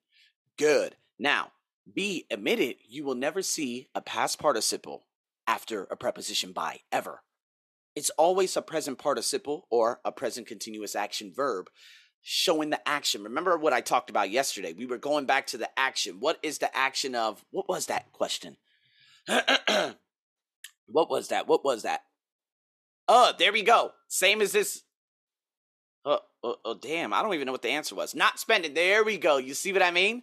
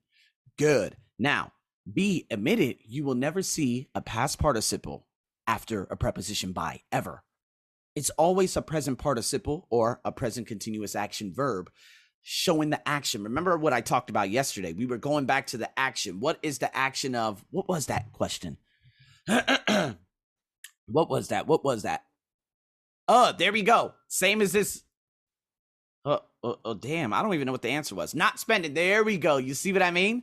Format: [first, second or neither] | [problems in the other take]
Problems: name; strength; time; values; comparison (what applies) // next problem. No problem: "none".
second | thin; somewhat; fading below 400 Hz